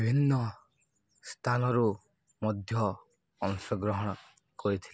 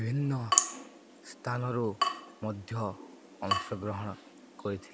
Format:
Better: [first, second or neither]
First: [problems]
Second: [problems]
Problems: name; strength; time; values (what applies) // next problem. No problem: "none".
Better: first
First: none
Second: background sound (Drip / Water tap, faucet); as loud as the speech